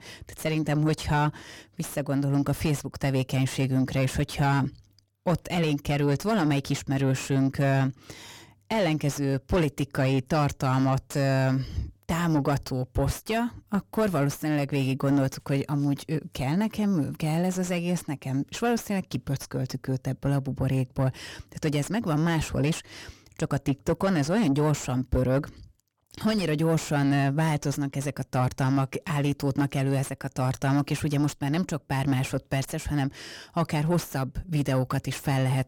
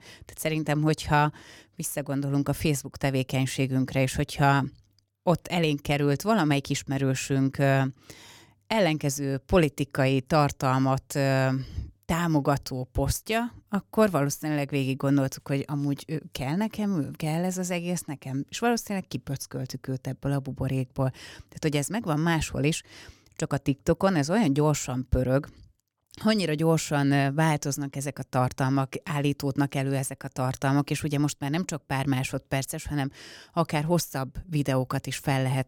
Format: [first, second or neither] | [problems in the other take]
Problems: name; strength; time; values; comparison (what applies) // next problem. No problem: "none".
second | distortion; slight; 10 dB below the speech